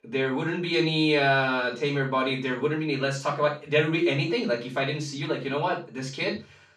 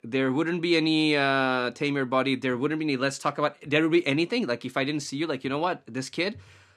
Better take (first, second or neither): second